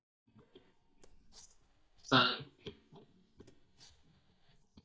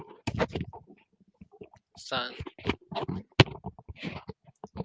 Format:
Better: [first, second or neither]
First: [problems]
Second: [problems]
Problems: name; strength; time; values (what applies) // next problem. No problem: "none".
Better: second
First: noise reduction (neural mask model DeepFilterNet 3)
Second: none